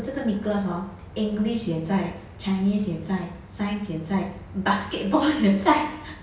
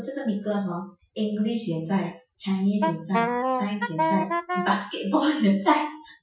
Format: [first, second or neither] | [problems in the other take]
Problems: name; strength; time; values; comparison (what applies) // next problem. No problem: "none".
first | noise reduction (classical method Wiener filter)